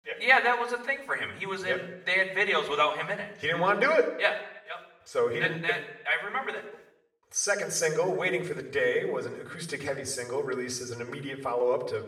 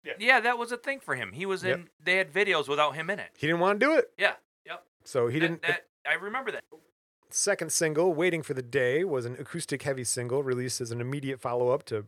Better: second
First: room echo; slight; dies away in 0.7 s // off-mic speech; far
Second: none

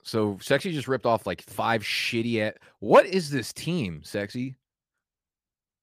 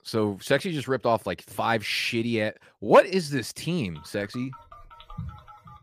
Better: first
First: none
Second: phone ringing; faint; from 4 s on; peak 15 dB below the speech

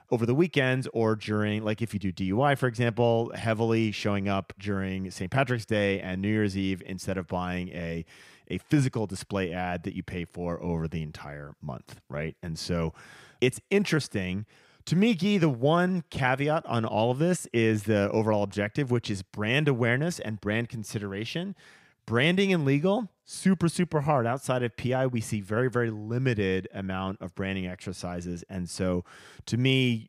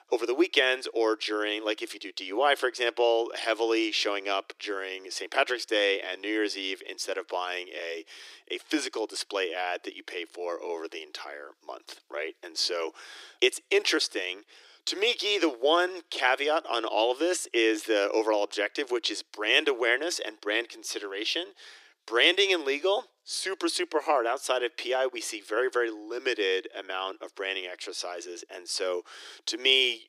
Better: first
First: none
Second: thin; very; fading below 300 Hz

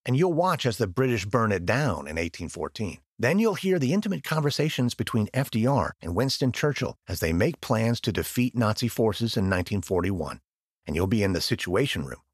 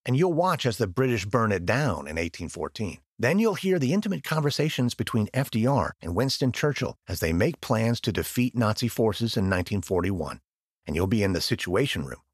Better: neither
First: none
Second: none

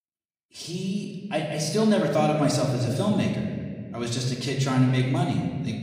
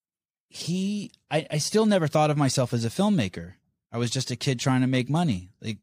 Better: second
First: room echo; noticeable; dies away in 1.7 s // off-mic speech; somewhat distant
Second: none

